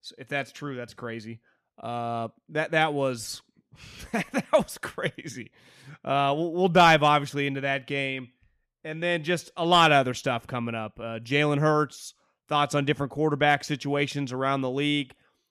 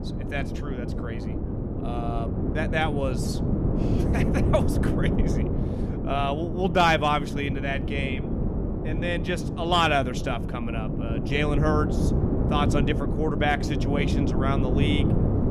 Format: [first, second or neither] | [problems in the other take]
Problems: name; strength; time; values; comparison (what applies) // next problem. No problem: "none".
first | wind noise on the microphone; heavy; 7 dB below the speech